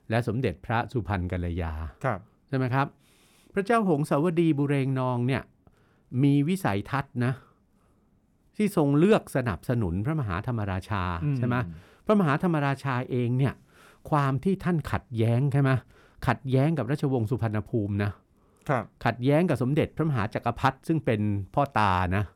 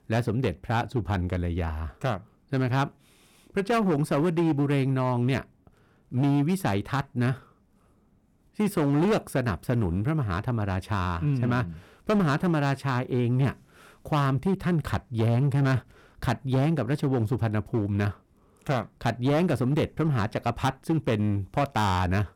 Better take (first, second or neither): first